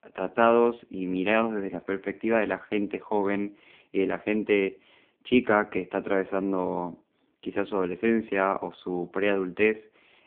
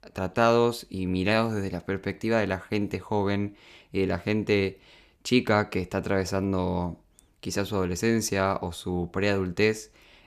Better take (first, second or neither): second